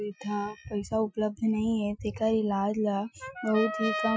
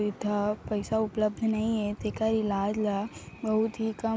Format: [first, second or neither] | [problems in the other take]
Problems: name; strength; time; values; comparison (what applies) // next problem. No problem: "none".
second | noise reduction (classical method Wiener filter)